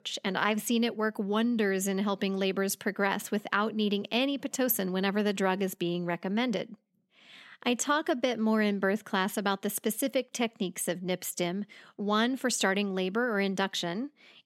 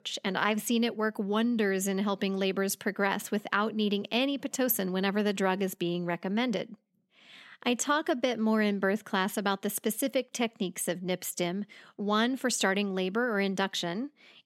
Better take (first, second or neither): neither